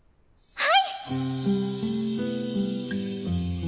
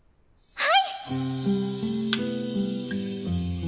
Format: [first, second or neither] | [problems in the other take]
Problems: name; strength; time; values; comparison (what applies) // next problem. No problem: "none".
first | background sound (Thump, thud); 11 dB below the speech